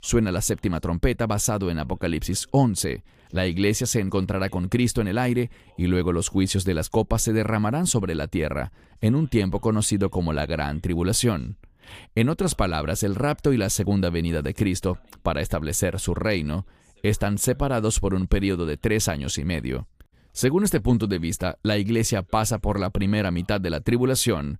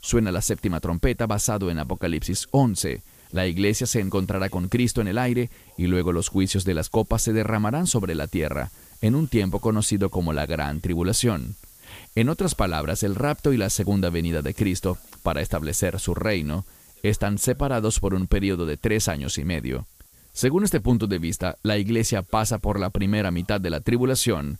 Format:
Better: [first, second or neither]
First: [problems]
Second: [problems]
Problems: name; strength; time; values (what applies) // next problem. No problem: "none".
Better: first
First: none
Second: hiss; faint; throughout; 25 dB below the speech